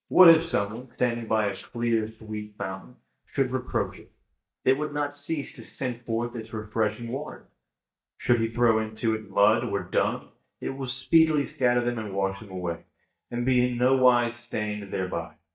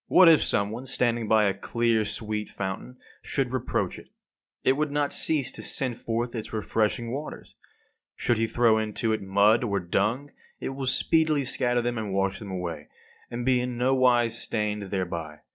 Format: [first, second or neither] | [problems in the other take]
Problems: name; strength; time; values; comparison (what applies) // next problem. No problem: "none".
second | noise reduction (neural mask model DeepFilterNet 3)